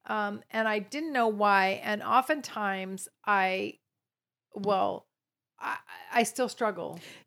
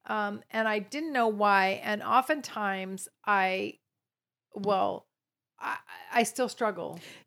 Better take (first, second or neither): neither